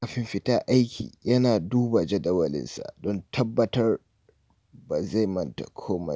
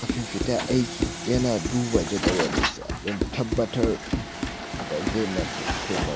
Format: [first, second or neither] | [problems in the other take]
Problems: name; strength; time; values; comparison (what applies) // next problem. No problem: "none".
first | background sound (Truck + Run); 1 dB below the speech